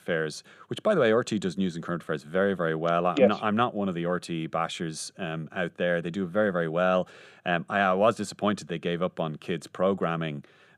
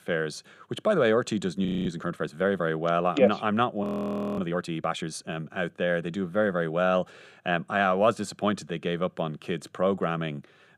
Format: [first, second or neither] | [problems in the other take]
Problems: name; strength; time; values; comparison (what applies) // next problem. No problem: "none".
first | audio freezing; at 1.5 s and at 4 s for 0.5 s